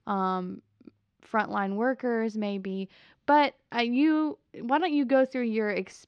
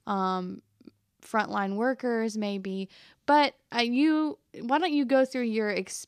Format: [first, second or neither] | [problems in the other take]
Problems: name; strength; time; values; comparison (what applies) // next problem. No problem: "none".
second | muffled; slightly; fading above 3 kHz